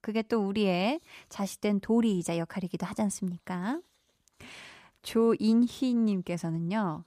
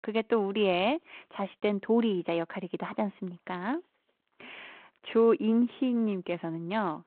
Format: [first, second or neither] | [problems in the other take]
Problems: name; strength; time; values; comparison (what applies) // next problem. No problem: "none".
first | phone-call audio